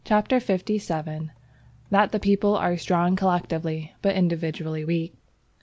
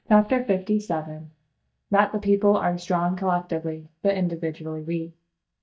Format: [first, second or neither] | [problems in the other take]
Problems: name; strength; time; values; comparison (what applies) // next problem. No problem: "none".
first | noise reduction (neural mask model DeepFilterNet 3)